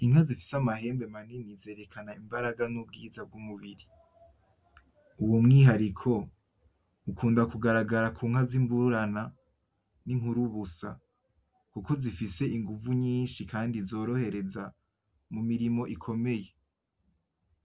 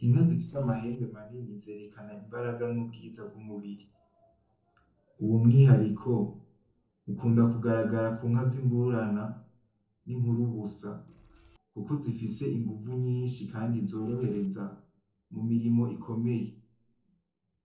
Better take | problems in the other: first | noise reduction (neural separator model SepFormer DNS4)

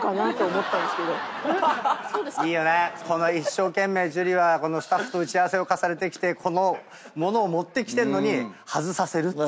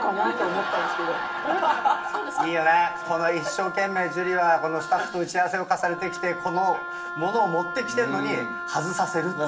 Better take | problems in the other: first | background sound (Wind instrument, woodwind instrument); 9 dB below the speech // room echo; dies away in 0.7 s

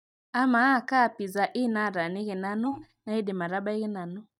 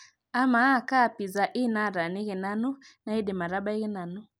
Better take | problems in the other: second | noise reduction (neural mask model DeepFilterNet 3)

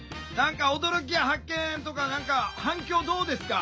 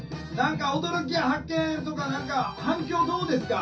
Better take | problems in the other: first | room echo; dies away in 0.3 s

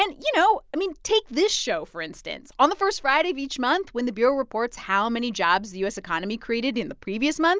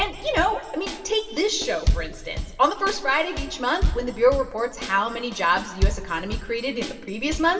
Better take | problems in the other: first | background sound (Bass drum / Snare drum / Drum kit); 5 dB below the speech // room echo; dies away in 1.7 s

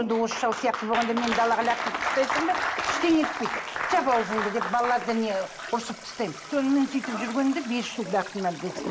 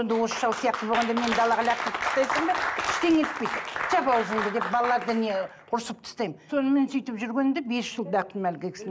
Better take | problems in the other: second | background sound (Toilet flush); 14 dB below the speech

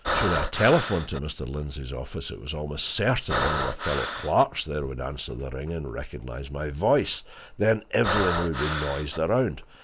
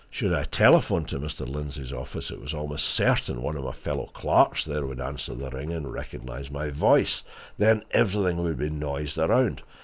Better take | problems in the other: second | background sound (Breathing); 2 dB below the speech

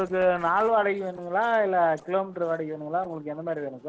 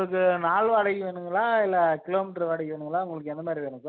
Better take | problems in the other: second | noise reduction (neural separator model SepFormer DNS4)

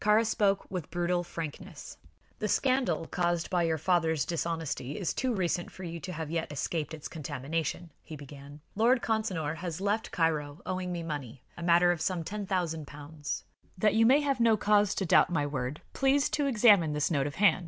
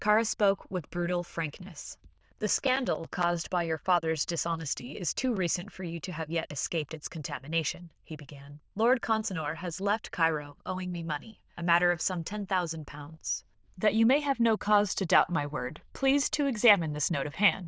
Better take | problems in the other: first | noise reduction (neural diffusion model UNIVERSE++)

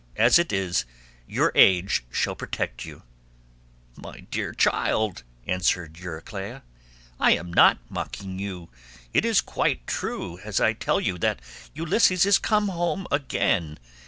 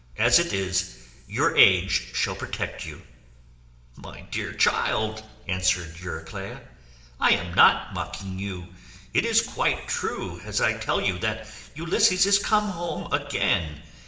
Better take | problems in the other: first | room echo; dies away in 1 s

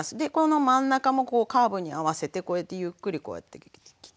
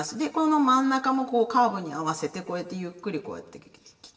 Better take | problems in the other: first | room echo; dies away in 1.1 s

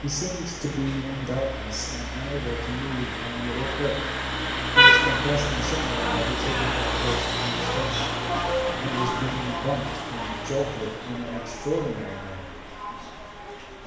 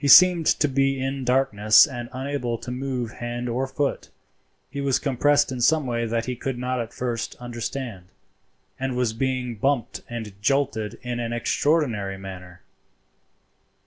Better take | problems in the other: second | background sound (Vehicle horn, car horn, honking); 5 dB above the speech // room echo; dies away in 1 s

